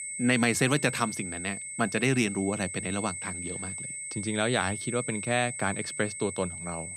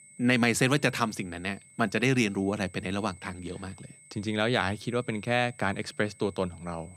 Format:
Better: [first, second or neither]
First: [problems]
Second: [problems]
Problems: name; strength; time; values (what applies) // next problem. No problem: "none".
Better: second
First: high-pitched whine; loud; throughout; 8.5 kHz, 6 dB below the speech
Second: high-pitched whine; faint; throughout; 8.5 kHz, 25 dB below the speech